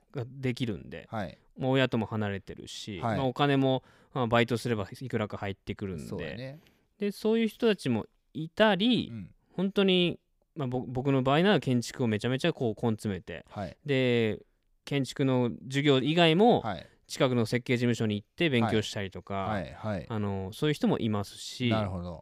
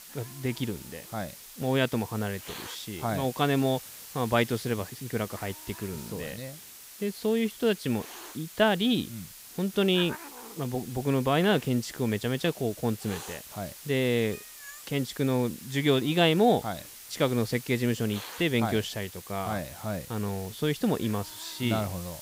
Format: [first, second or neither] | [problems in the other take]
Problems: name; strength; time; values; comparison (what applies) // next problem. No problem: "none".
first | hiss; noticeable; throughout; 15 dB below the speech